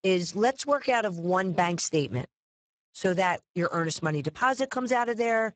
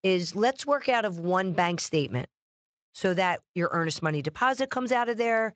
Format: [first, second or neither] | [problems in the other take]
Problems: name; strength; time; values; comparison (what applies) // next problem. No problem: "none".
second | garbled, watery; badly; nothing above 7.5 kHz; slightly in the second